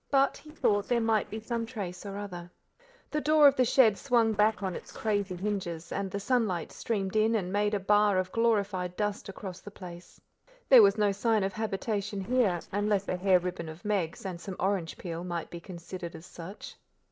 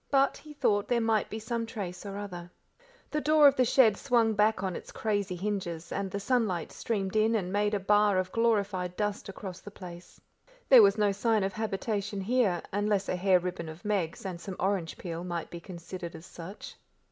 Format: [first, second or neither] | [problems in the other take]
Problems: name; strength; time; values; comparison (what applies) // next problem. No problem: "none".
second | noise reduction (neural separator model SepFormer DNS4)